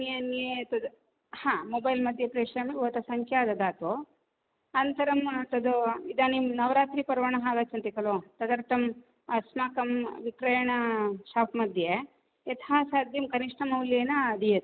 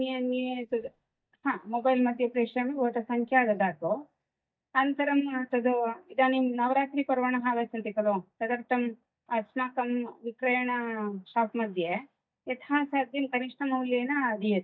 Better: first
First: none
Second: noise reduction (neural mask model DeepFilterNet 3)

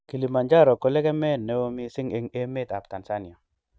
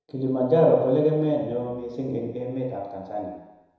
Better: first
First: none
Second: room echo; dies away in 1 s

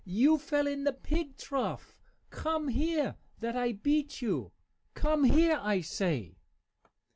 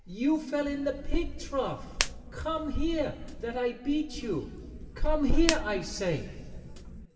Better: first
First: none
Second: background sound (Hands); 9 dB below the speech // room echo; dies away in 2.1 s

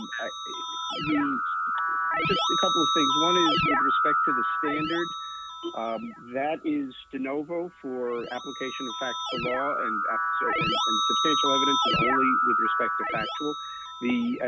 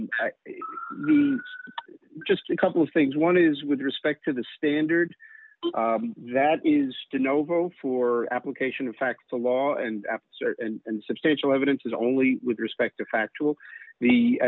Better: second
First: background sound (Keyboard (musical)); 4 dB above the speech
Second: none

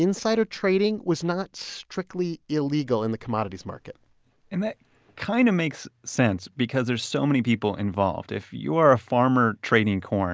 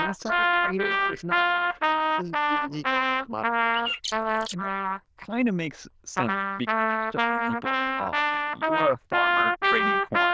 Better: first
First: none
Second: noise reduction (neural diffusion model UNIVERSE++)

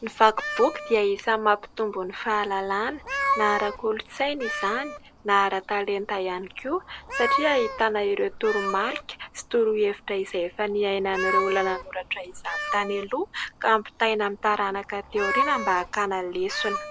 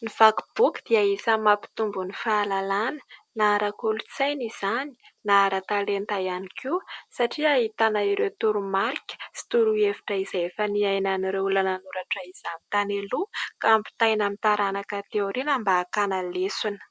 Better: second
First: background sound (Meow); 7 dB below the speech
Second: none

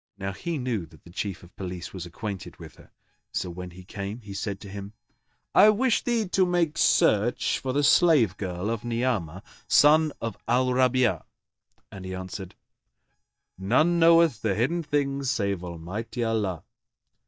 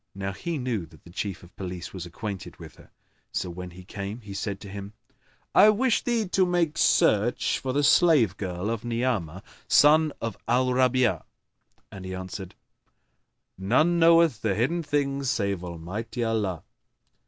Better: second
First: noise reduction (neural mask model DeepFilterNet 3)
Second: none

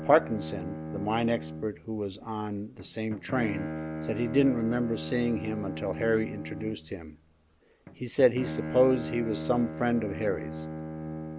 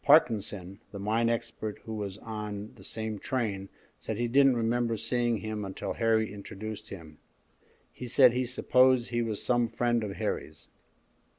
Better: second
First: background sound (Bowed string instrument); 8 dB below the speech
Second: none

